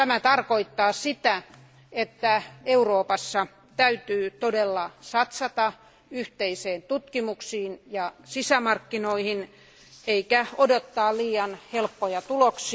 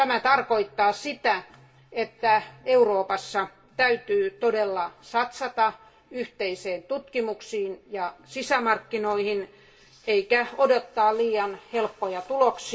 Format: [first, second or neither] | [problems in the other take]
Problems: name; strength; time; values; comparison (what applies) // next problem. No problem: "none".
first | room echo; dies away in 0.2 s